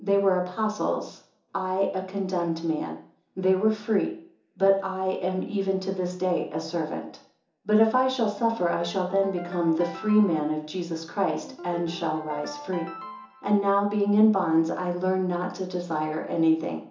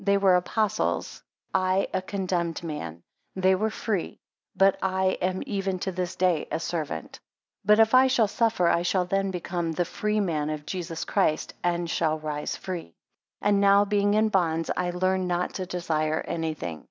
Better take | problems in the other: second | background sound (Ringtone); 15 dB below the speech // room echo; dies away in 0.7 s

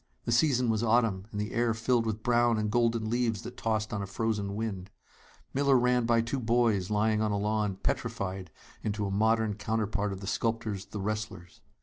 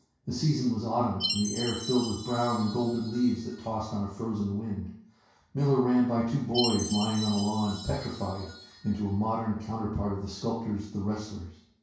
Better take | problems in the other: first | background sound (Chime); 12 dB below the speech // room echo; dies away in 0.6 s

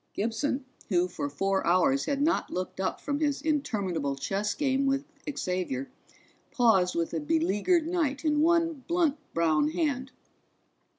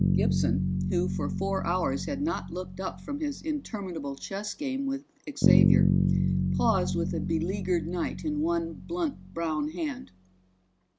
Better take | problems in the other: first | background sound (Bass guitar); 2 dB above the speech

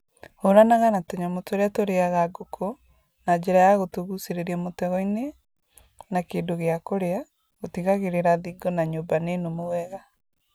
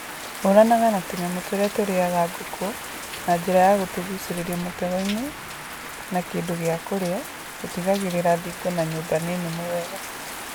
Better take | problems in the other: first | background sound (Rain); 11 dB below the speech

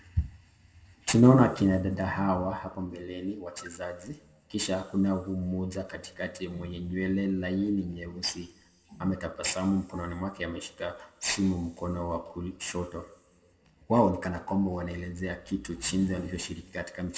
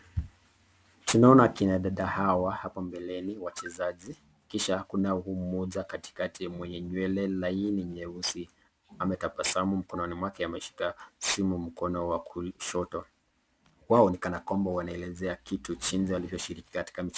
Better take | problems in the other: second | room echo; dies away in 1 s

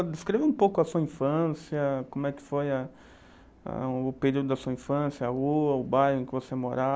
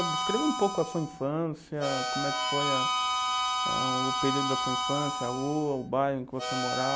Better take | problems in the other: first | background sound (Harmonica); as loud as the speech

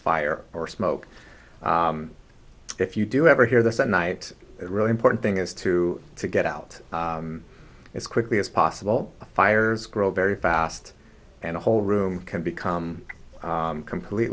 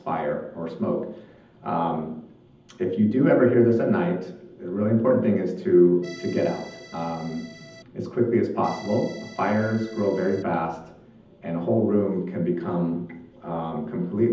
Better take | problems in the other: first | background sound (Accordion); 20 dB below the speech // room echo; dies away in 0.8 s

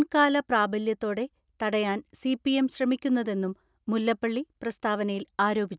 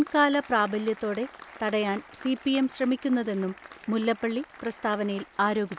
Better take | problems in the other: first | background sound (Applause); 19 dB below the speech

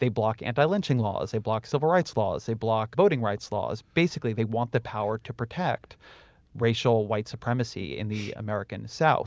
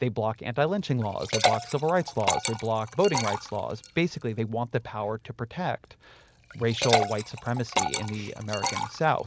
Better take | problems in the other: first | background sound (Liquid); 4 dB below the speech

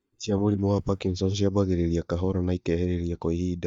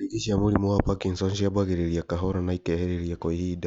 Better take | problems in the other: second | noise reduction (neural mask model DeepFilterNet 3)

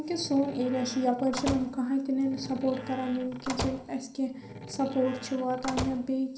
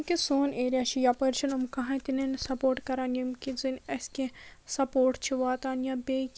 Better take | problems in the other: second | background sound (Slam); 10 dB below the speech // room echo; dies away in 0.6 s

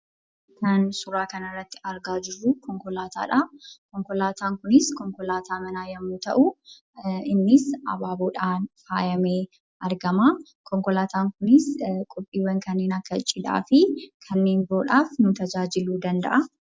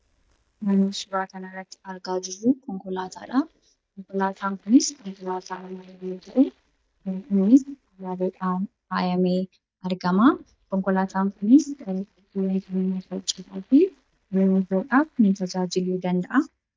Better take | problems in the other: first | noise reduction (neural mask model DeepFilterNet 3)

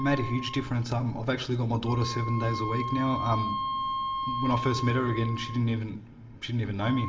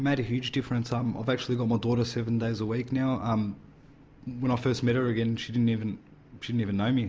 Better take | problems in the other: second | background sound (Wind instrument, woodwind instrument); 6 dB below the speech // room echo; dies away in 1.4 s

